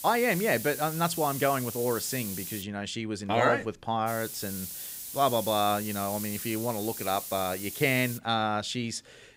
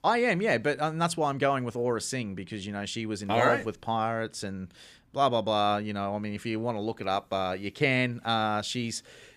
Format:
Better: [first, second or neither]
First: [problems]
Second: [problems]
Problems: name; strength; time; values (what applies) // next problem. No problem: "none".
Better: second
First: hiss; loud; until 2.5 s and from 4 to 8 s; 7 dB below the speech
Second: none